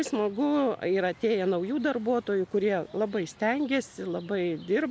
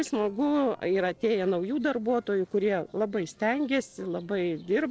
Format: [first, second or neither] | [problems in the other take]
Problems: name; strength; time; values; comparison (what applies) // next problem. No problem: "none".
first | noise reduction (neural separator model SepFormer DNS4)